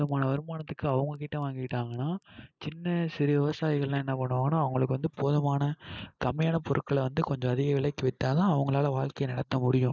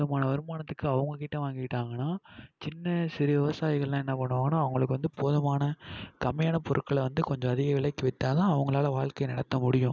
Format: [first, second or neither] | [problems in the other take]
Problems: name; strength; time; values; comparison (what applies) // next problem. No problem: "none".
second | noise reduction (neural mask model Resemble Enhance denoiser)